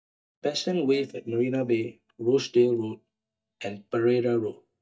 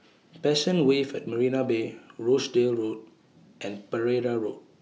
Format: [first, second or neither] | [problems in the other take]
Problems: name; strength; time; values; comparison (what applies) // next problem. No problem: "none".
second | noise reduction (neural mask model DeepFilterNet 3)